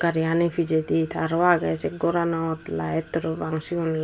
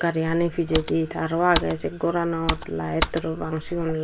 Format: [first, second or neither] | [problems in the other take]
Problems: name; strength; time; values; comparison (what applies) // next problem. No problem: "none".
first | background sound (Computer keyboard); 7 dB below the speech